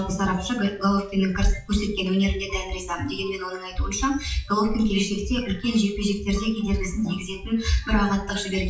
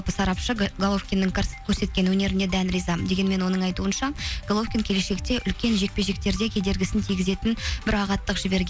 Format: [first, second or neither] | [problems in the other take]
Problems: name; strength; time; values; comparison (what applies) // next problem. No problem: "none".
second | noise reduction (classical method WPE with log-MMSE)